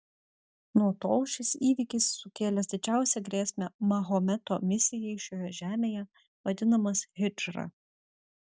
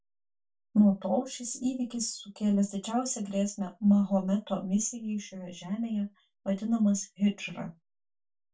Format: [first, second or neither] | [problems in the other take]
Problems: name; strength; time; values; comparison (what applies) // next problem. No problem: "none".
first | room echo; dies away in 0.2 s